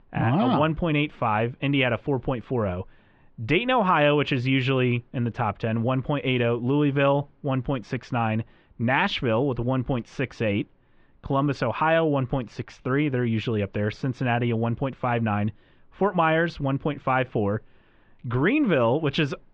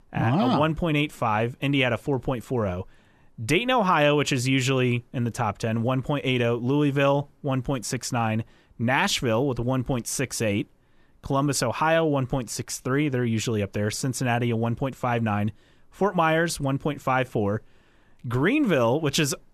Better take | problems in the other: second | muffled; very; fading above 3.5 kHz

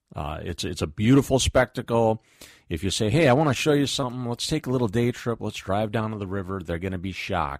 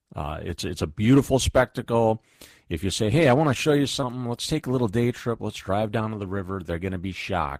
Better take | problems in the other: first | garbled, watery; slightly; nothing above 15 kHz

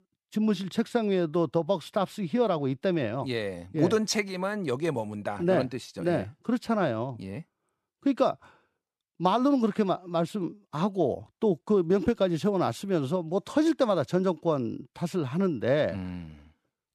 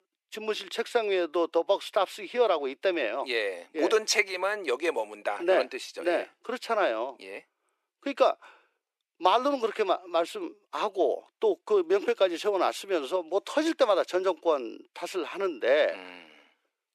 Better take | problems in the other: first | thin; very; fading below 350 Hz

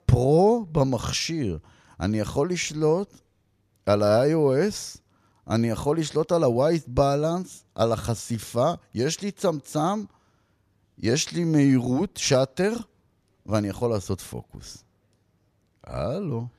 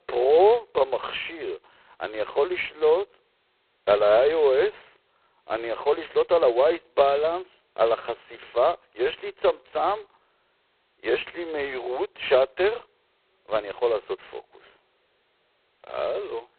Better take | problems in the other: first | phone-call audio; poor line; nothing above 4 kHz

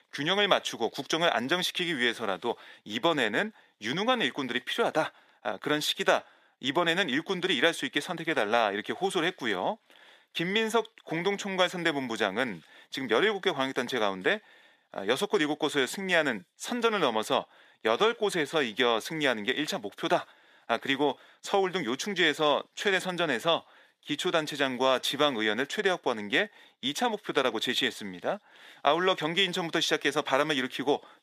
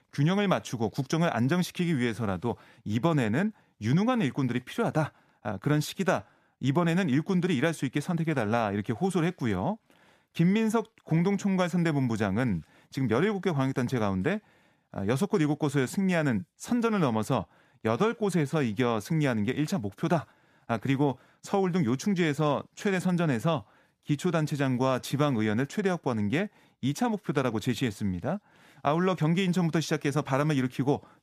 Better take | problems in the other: second | thin; somewhat; fading below 450 Hz

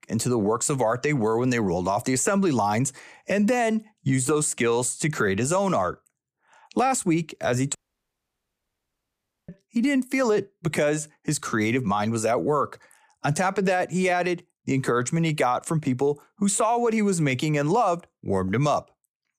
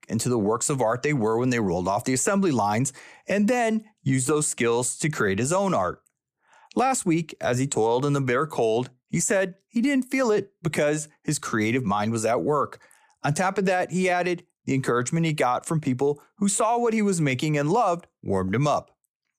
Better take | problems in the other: second | audio cutting out; at 8 s for 1.5 s

